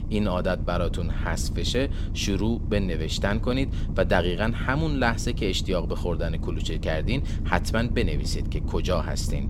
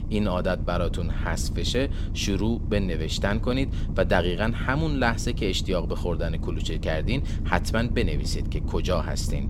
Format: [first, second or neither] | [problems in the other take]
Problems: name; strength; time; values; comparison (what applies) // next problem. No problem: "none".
neither | low rumble; noticeable; throughout; 15 dB below the speech; the same in both